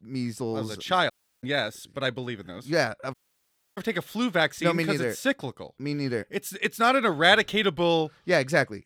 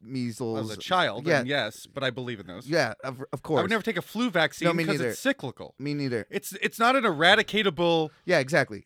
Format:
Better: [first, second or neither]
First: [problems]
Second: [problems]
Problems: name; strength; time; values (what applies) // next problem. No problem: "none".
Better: second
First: audio cutting out; at 1 s and at 3 s for 0.5 s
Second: none